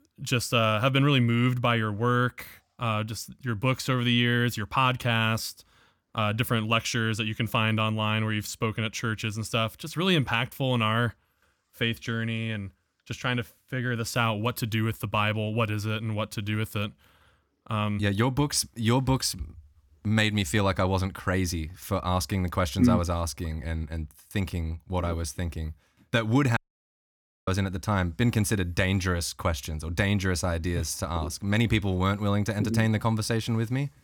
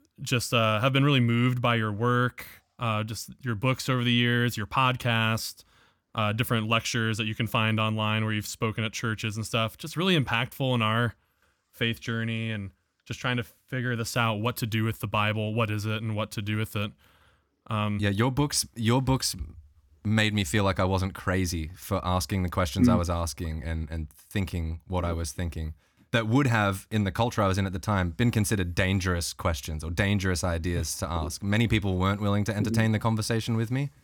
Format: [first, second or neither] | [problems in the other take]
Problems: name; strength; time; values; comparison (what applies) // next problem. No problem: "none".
second | audio cutting out; at 27 s for 1 s